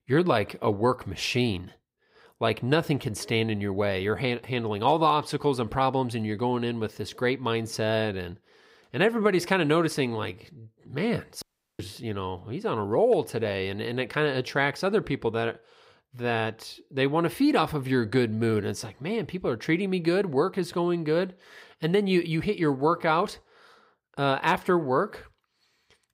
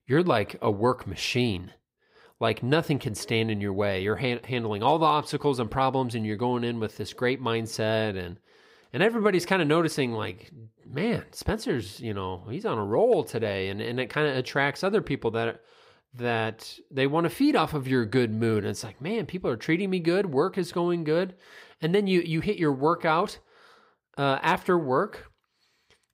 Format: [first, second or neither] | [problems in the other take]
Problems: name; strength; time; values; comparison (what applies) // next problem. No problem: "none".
second | audio cutting out; at 11 s